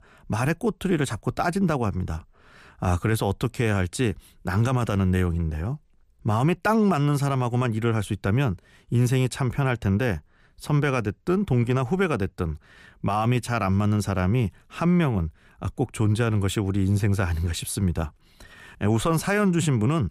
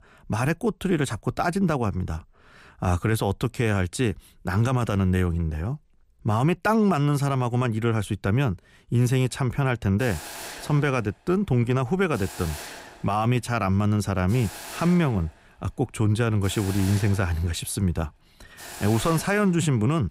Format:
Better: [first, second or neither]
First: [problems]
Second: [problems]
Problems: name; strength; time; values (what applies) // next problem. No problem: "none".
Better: first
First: none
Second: hiss; noticeable; from 9 s on; 15 dB below the speech